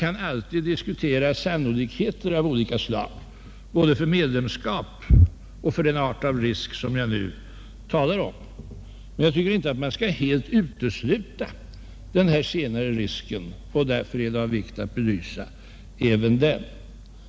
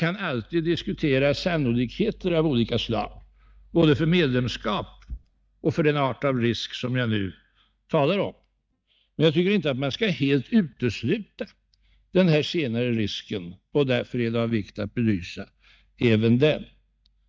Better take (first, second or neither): first